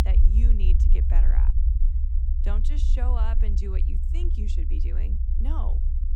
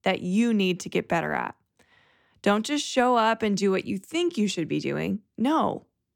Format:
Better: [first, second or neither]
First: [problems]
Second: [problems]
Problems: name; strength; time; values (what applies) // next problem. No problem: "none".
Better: second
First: low rumble; loud; throughout; 2 dB below the speech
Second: none